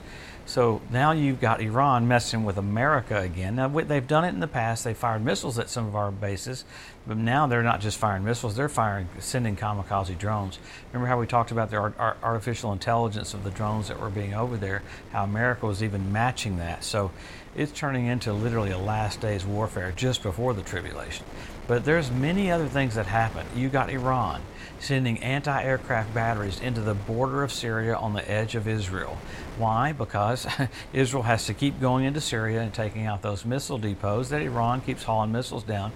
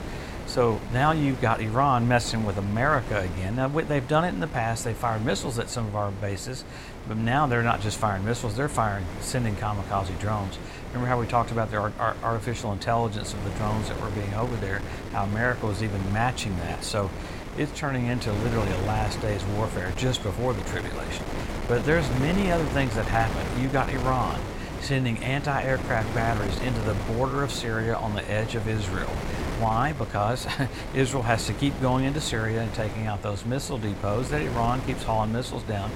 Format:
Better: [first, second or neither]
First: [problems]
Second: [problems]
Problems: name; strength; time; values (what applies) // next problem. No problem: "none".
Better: first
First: wind noise on the microphone; occasional gusts; 20 dB below the speech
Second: wind noise on the microphone; heavy; 9 dB below the speech